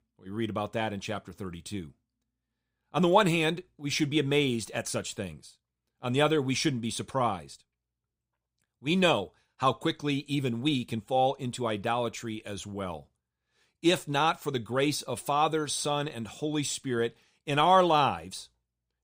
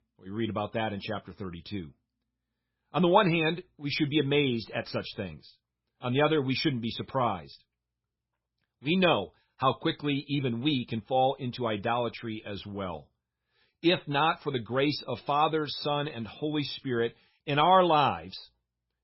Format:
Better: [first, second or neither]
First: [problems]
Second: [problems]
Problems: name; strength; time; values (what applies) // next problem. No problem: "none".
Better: first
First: none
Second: garbled, watery; badly; nothing above 5.5 kHz